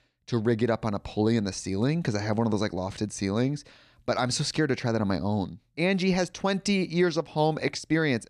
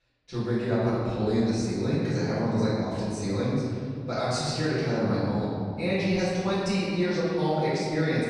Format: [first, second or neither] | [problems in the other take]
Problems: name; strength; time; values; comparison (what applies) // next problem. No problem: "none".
first | off-mic speech; far // room echo; strong; dies away in 2.2 s